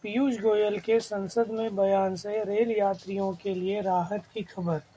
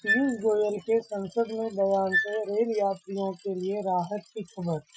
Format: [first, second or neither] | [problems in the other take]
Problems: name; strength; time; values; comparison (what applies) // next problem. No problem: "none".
first | noise reduction (classical method Wiener filter)